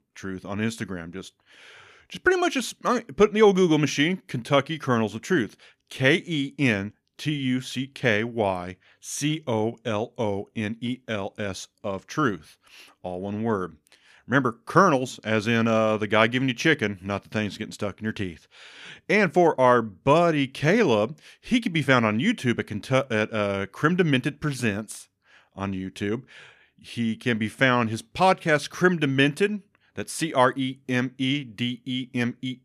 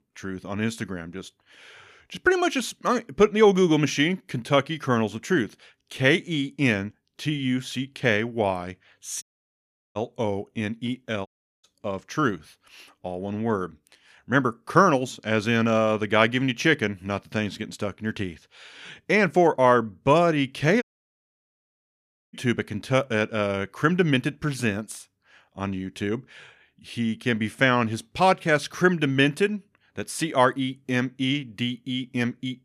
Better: first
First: none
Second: audio cutting out; at 9 s for 0.5 s, at 11 s and at 21 s for 1.5 s

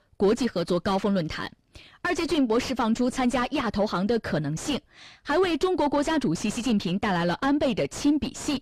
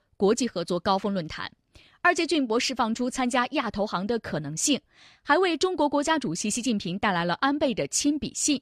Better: second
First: distortion; heavy; 5 dB below the speech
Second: none

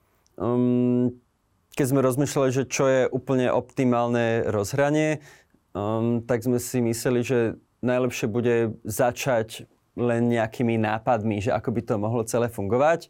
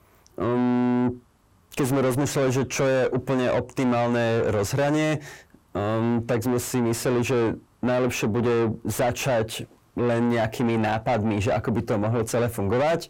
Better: first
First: none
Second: distortion; heavy; 8 dB below the speech

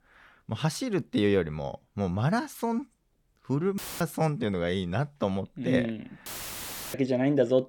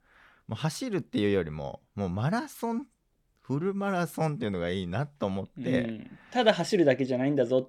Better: second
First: audio cutting out; filled with static; at 4 s and at 6.5 s for 0.5 s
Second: none

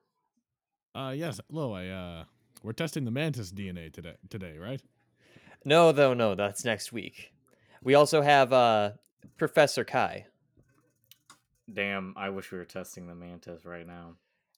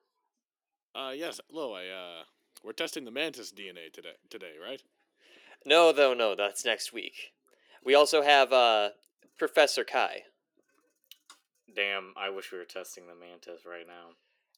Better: first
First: none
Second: thin; somewhat; fading below 350 Hz

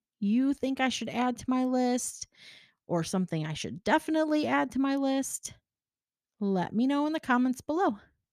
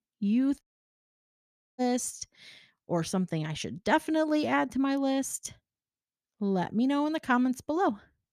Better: first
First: none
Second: audio cutting out; at 0.5 s for 1 s

